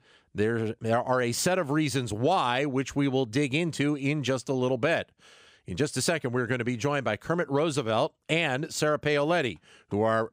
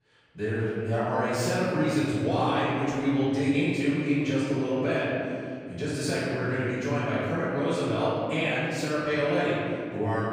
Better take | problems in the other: first | off-mic speech; far // room echo; strong; dies away in 2.3 s

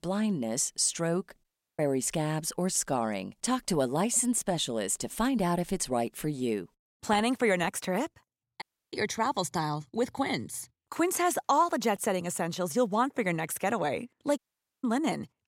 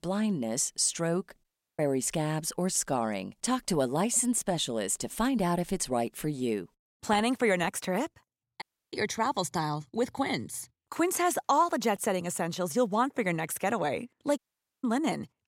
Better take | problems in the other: neither | audio cutting out; at 1.5 s, at 8.5 s and at 14 s; the same in both

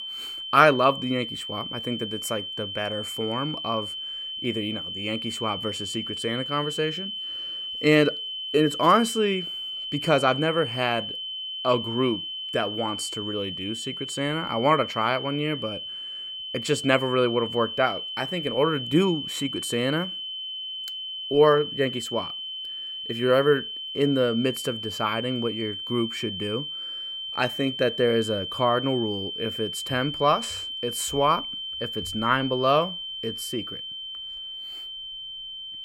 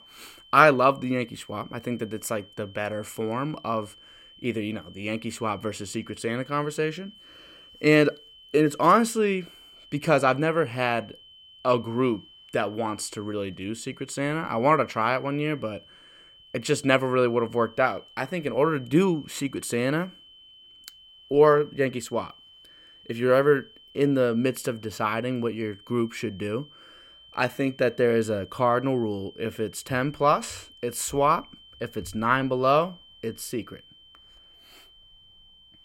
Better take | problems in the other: second | high-pitched whine; loud; throughout; 3 kHz, 6 dB below the speech; faint in the second

